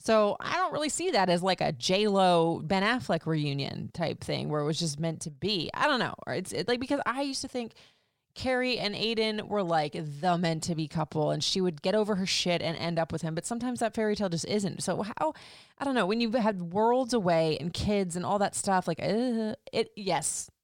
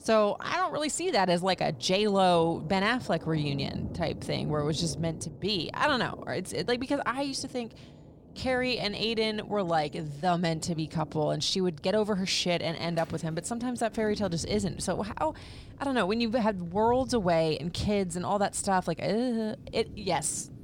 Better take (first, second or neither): first